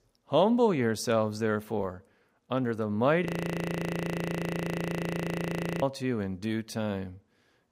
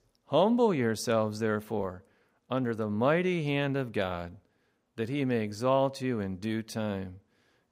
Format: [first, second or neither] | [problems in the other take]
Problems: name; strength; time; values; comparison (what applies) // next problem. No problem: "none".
second | audio freezing; at 3.5 s for 2.5 s